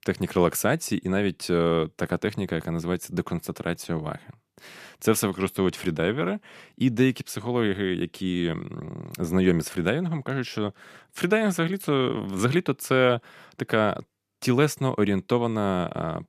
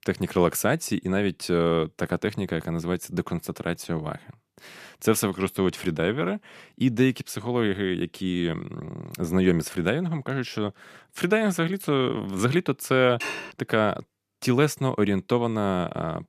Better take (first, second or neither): first